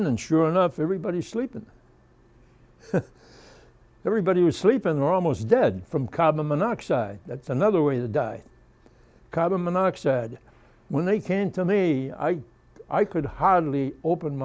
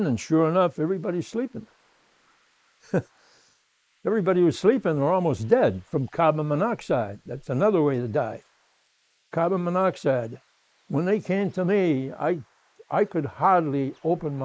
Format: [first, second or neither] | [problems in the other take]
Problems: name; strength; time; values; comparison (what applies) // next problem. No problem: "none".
first | noise reduction (neural mask model Resemble Enhance denoiser)